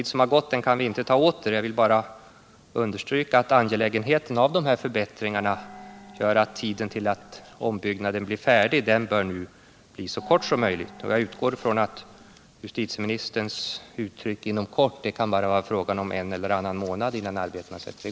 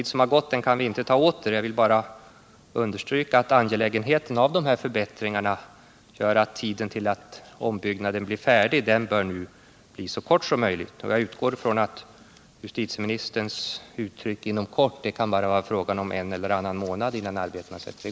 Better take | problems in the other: second | background sound (Gong); 20 dB below the speech

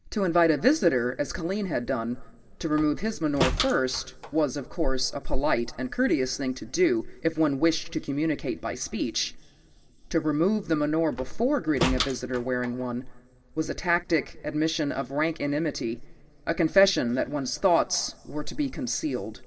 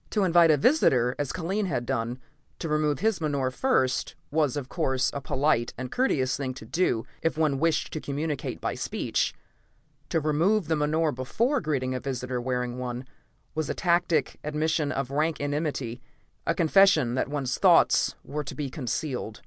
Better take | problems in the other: second | background sound (Slam); 9 dB below the speech // room echo; dies away in 2 s

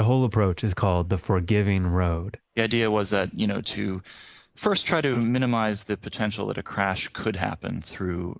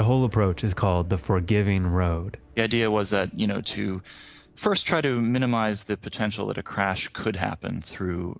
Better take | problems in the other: second | noise reduction (neural mask model Resemble Enhance denoiser)

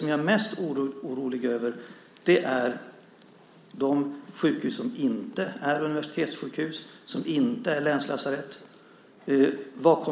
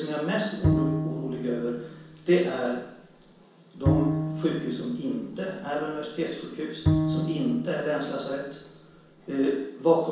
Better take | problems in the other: first | background sound (Bowed string instrument); 1 dB below the speech // room echo; dies away in 0.7 s

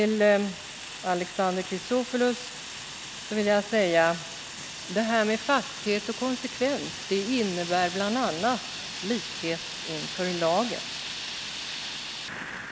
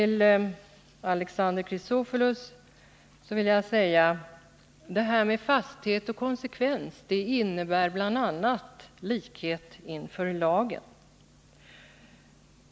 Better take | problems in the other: second | background sound (Fire); 9 dB below the speech

